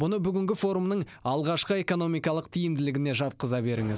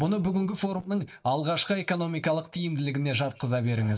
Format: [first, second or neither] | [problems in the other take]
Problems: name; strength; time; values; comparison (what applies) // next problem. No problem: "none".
first | noise reduction (neural mask model DeepFilterNet 3)